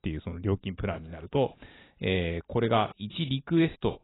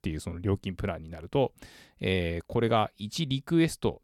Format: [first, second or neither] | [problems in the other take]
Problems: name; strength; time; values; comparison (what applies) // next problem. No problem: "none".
second | garbled, watery; badly; nothing above 4 kHz